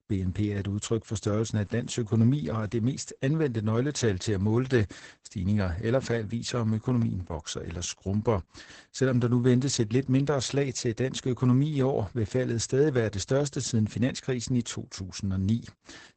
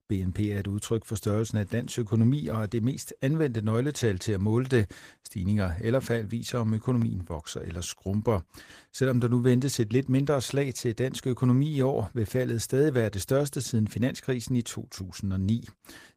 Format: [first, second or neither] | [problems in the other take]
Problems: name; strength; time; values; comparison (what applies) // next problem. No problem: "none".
second | garbled, watery; badly; nothing above 8 kHz; slightly in the second